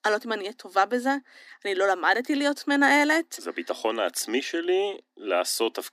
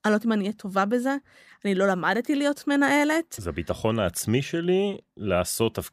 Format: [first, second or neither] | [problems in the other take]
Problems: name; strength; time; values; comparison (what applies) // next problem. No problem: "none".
second | thin; very slightly; fading below 250 Hz